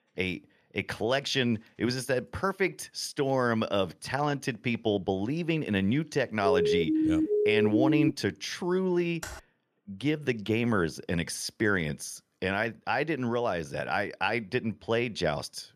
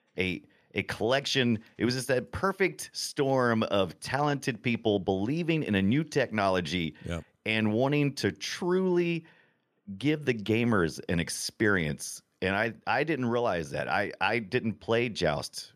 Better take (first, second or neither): second